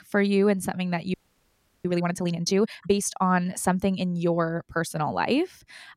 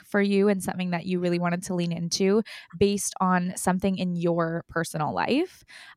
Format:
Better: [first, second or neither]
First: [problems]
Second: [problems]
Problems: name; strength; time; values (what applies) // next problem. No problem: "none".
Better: second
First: audio freezing; at 1 s for 0.5 s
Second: none